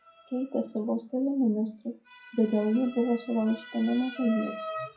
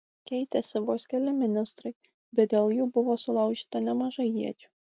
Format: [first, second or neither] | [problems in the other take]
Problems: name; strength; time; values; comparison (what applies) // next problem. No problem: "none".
second | noise reduction (classical method WPE with log-MMSE)